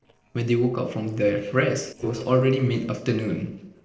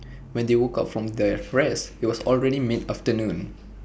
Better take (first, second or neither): second